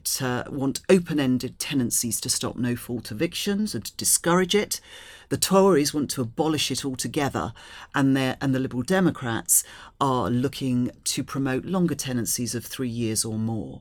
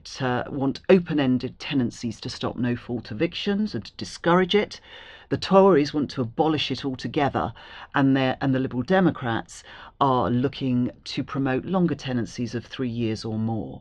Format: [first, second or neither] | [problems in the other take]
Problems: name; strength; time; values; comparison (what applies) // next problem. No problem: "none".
first | muffled; slightly; fading above 4 kHz